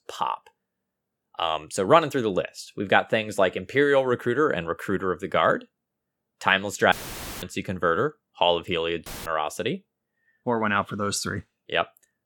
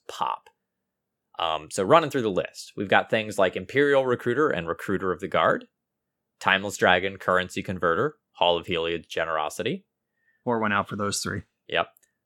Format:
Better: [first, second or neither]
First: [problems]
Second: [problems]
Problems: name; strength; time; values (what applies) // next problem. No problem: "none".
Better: second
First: audio cutting out; filled with static; at 7 s for 0.5 s and at 9 s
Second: none